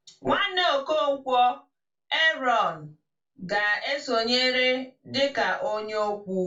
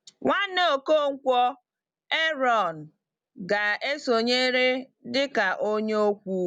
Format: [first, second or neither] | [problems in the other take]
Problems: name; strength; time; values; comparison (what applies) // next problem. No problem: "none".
second | room echo; dies away in 0.3 s